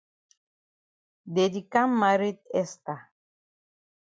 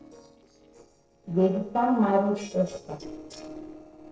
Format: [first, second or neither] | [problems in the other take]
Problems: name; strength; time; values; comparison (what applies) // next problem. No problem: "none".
first | noise reduction (neural separator model SepFormer DNS4)